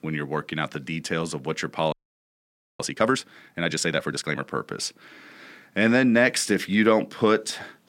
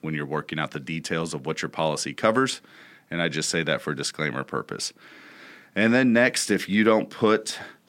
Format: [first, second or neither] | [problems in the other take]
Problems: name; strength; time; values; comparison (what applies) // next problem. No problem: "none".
second | audio freezing; at 2 s for 1 s